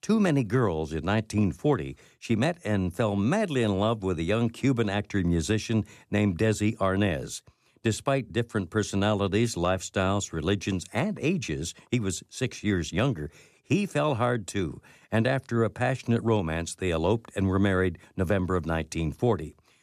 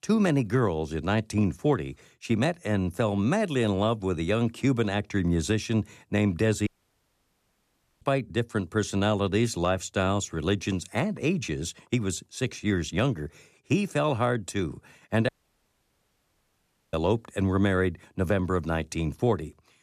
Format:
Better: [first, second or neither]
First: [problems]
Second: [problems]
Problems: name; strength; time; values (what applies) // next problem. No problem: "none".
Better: first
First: none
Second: audio cutting out; at 6.5 s for 1.5 s and at 15 s for 1.5 s